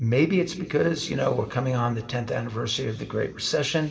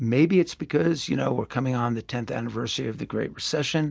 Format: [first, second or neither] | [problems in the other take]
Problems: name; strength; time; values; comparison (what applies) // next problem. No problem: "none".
second | room echo; dies away in 1.8 s